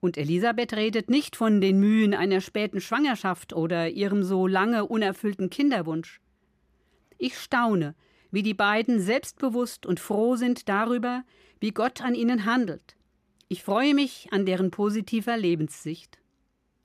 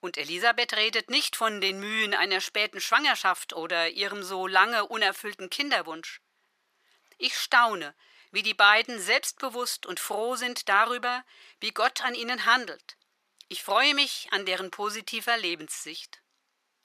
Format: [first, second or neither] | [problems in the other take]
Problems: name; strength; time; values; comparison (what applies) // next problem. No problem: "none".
first | thin; very; fading below 950 Hz